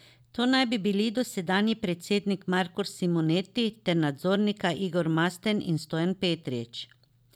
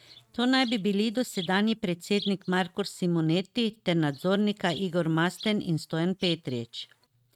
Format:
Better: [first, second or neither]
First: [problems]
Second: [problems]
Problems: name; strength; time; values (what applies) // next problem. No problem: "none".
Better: first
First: none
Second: noise reduction (neural mask model RNNoise)